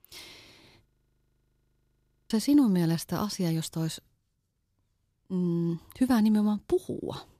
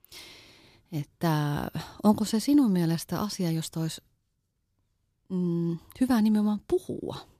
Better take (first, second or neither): second